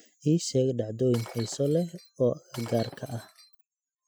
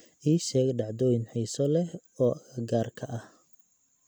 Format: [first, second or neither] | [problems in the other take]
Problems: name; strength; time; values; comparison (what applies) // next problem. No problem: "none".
second | noise reduction (classical method Wiener filter)